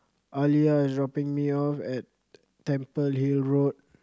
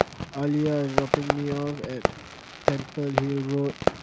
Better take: first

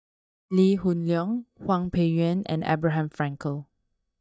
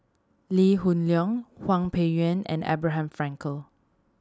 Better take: second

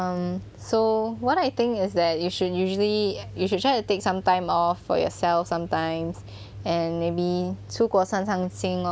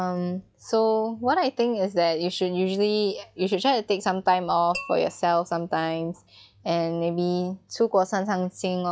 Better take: first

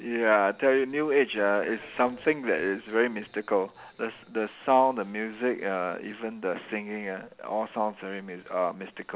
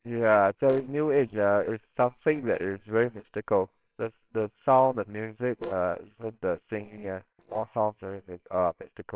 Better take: first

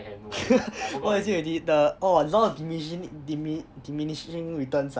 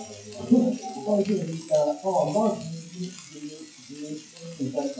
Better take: first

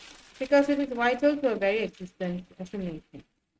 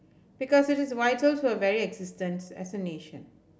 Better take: second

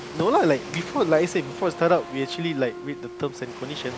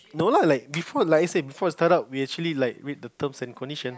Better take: second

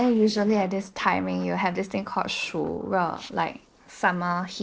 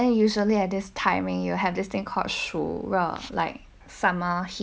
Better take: second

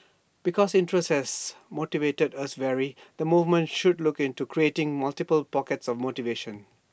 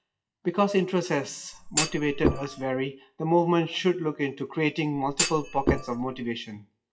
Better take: first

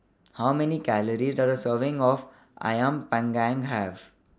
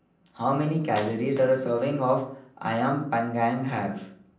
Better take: first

